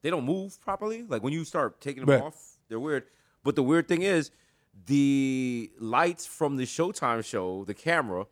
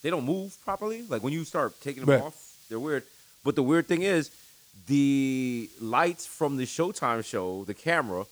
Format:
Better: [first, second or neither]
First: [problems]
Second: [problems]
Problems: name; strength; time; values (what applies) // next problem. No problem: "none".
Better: first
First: none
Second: hiss; faint; throughout; 25 dB below the speech